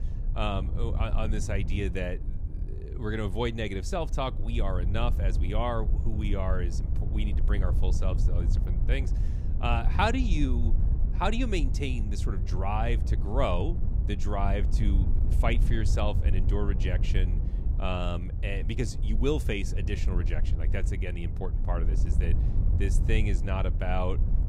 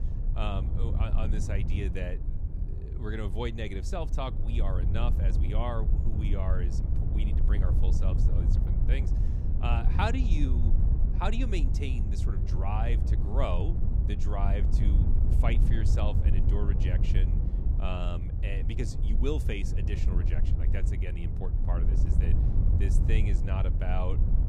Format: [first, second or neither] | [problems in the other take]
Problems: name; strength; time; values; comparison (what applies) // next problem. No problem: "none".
first | wind noise on the microphone; heavy; 6 dB below the speech; occasional gusts in the first